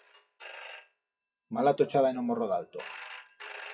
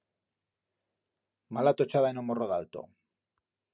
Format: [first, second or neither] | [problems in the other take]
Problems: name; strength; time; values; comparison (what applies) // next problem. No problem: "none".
second | noise reduction (classical method WPE with log-MMSE)